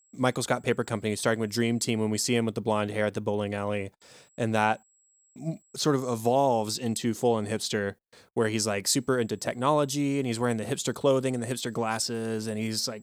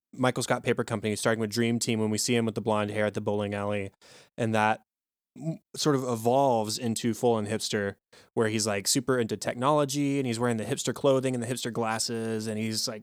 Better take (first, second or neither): second